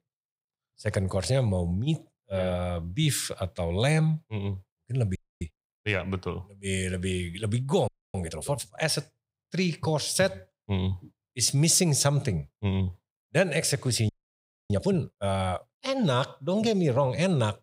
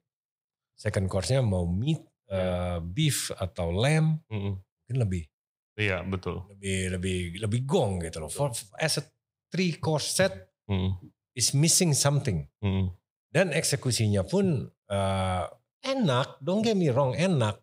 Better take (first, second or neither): second